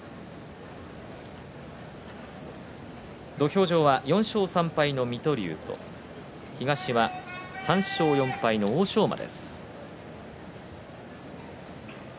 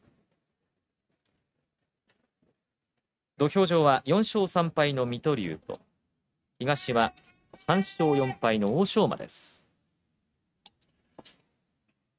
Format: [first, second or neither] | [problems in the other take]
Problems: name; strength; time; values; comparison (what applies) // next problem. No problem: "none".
first | noise reduction (neural mask model RNNoise)